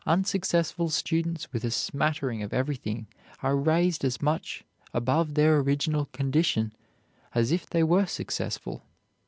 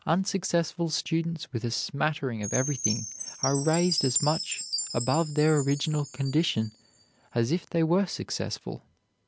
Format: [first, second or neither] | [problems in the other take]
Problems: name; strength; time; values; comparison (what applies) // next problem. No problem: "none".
first | background sound (Chime); 9 dB below the speech